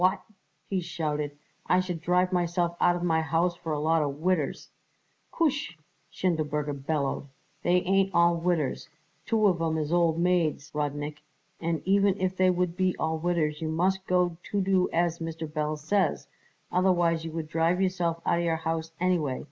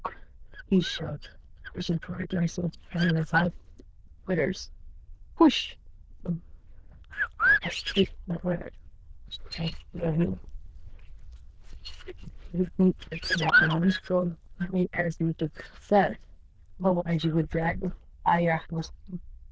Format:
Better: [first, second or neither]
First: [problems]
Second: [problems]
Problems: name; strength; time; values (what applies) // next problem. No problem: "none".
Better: first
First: none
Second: noise reduction (neural diffusion model UNIVERSE++)